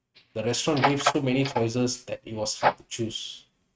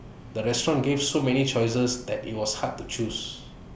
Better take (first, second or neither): second